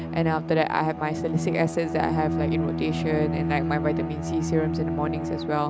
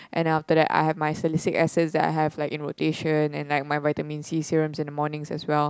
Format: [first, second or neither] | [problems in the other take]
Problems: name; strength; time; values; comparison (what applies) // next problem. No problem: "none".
second | background sound (Bowed string instrument); 1 dB below the speech